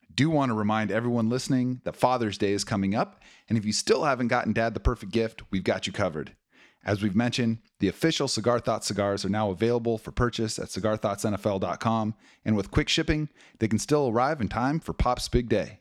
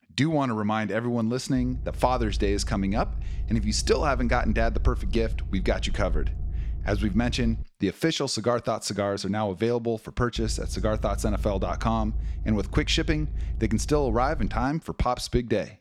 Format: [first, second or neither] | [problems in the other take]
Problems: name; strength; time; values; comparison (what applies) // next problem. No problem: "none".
first | low rumble; faint; from 1.5 to 7.5 s and from 10 to 15 s; 25 dB below the speech